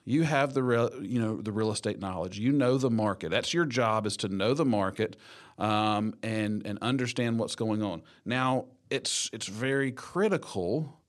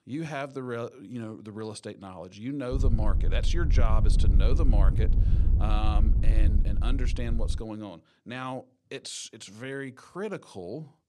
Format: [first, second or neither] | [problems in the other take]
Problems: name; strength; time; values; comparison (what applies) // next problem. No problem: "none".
first | wind noise on the microphone; heavy; from 2.5 to 7.5 s; 7 dB below the speech